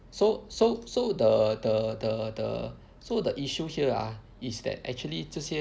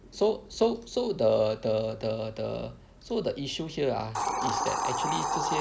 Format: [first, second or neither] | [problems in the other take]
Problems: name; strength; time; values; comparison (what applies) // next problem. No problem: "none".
first | background sound (Hiss); 5 dB below the speech